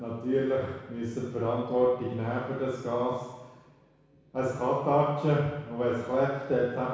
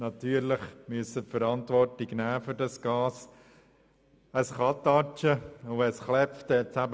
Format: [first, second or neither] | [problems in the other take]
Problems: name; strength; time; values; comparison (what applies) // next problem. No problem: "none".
second | room echo; dies away in 1.1 s